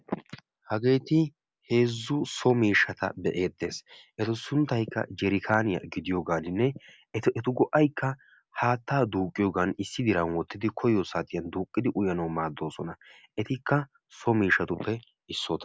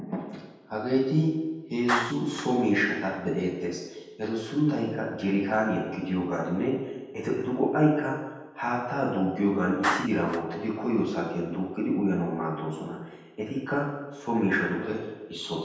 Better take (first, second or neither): first